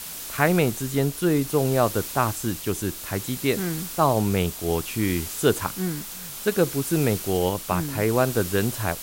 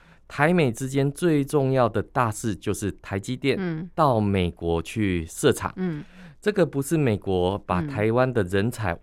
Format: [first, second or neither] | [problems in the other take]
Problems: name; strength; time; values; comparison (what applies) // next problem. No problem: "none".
second | hiss; loud; throughout; 8 dB below the speech